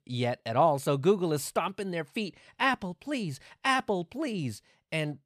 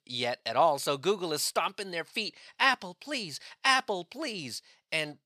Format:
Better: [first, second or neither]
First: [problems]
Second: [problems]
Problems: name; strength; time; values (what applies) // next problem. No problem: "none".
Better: first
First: none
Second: thin; somewhat; fading below 800 Hz